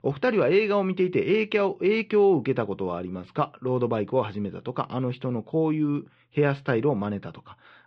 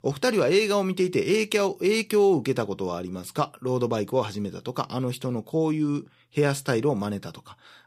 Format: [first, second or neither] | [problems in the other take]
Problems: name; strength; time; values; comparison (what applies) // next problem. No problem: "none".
second | muffled; very; fading above 3 kHz